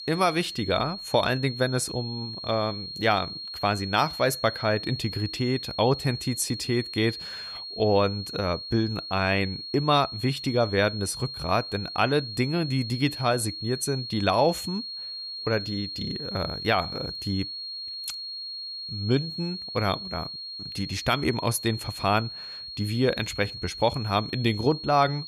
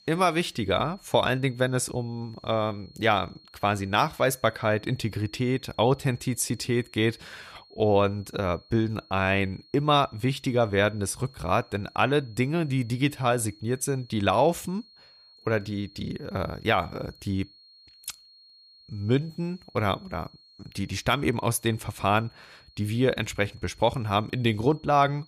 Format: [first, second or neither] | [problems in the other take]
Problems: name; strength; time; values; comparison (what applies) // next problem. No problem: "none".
second | high-pitched whine; loud; throughout; 4.5 kHz, 8 dB below the speech; faint in the second